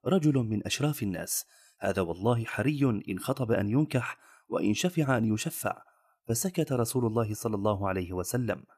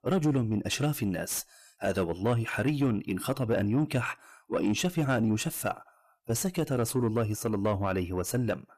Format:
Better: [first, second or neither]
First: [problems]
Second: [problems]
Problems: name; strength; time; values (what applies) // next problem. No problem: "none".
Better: first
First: none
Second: distortion; slight; 10 dB below the speech